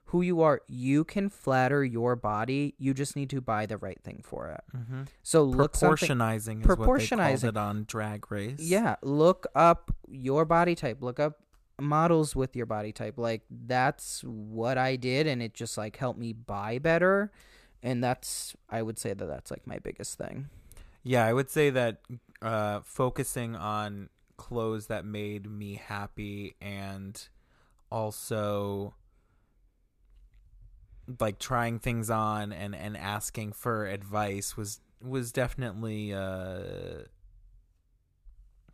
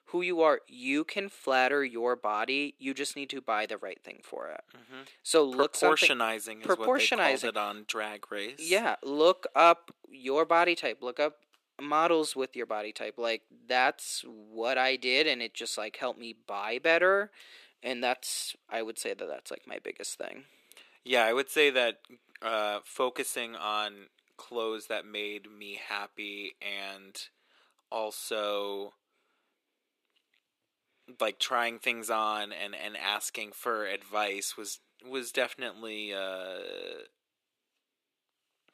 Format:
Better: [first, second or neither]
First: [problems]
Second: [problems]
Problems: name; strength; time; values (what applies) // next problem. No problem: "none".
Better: first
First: none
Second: thin; somewhat; fading below 300 Hz